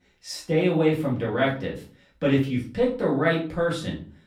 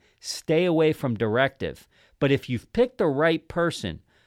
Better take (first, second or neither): second